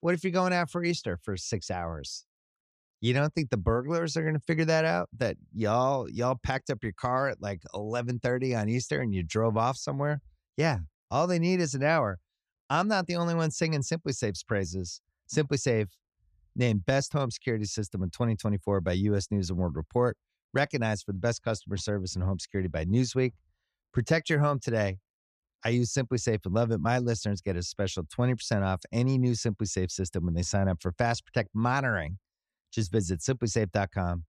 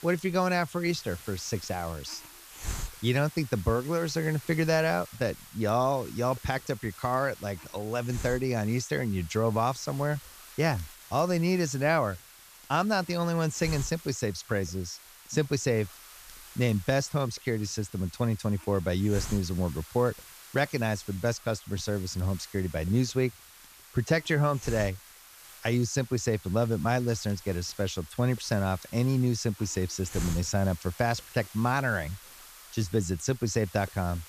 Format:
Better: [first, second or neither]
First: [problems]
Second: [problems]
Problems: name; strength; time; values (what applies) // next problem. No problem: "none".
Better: first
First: none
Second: hiss; noticeable; throughout; 15 dB below the speech